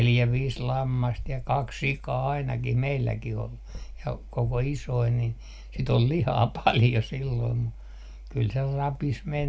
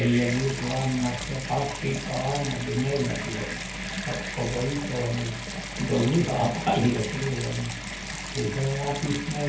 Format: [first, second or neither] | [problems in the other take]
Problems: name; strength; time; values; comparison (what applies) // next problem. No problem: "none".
first | background sound (Bathtub (filling or washing) / Water tap, faucet); 7 dB below the speech // room echo; dies away in 0.5 s